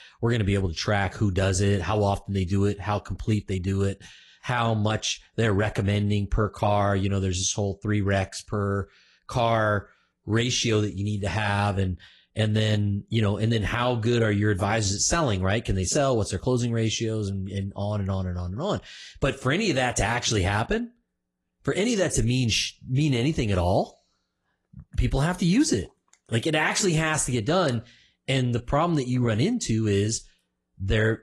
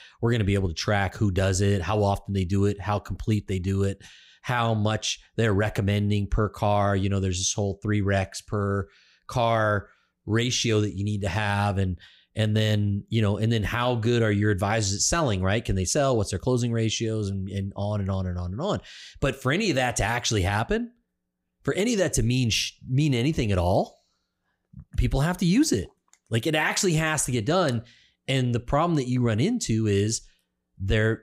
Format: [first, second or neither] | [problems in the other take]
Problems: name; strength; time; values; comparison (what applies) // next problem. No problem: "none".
second | garbled, watery; slightly